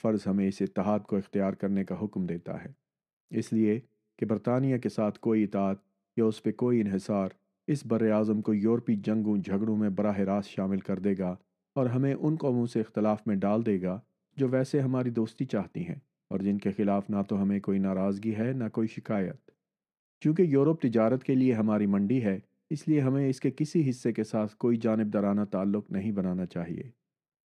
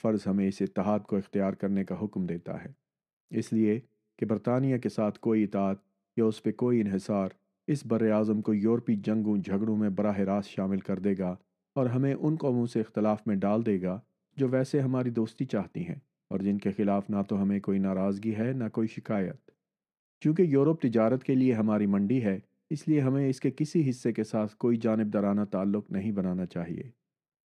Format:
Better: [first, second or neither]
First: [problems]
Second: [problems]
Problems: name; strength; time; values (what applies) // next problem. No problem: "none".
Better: neither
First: muffled; slightly; fading above 3 kHz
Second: muffled; slightly; fading above 3 kHz